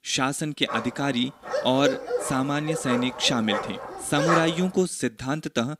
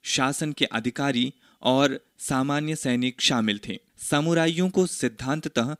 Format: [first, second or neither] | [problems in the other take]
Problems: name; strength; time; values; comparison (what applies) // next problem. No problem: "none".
second | dog barking; loud; from 0.5 to 4.5 s; peak 1 dB above the speech